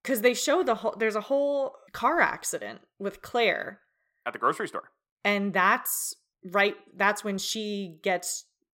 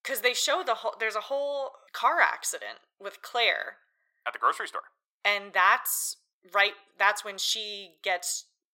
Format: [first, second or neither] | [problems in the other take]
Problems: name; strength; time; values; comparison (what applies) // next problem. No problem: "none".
first | thin; very; fading below 800 Hz